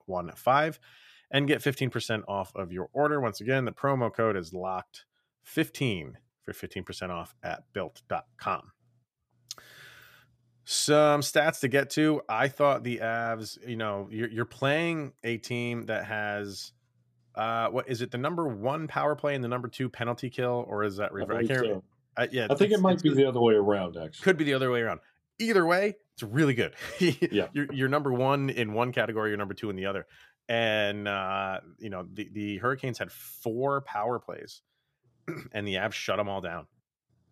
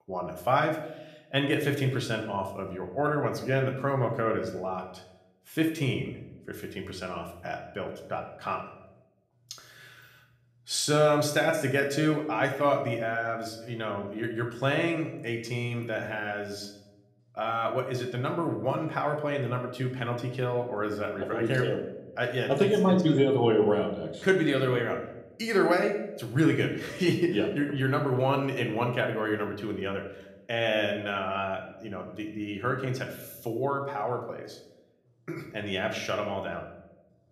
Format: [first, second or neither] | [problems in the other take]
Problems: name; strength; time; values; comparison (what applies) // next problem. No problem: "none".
first | room echo; slight; dies away in 0.7 s